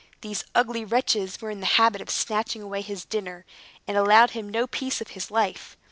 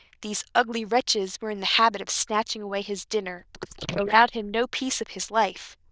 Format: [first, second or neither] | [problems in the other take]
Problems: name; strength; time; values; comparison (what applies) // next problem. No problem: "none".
first | noise reduction (neural diffusion model UNIVERSE++)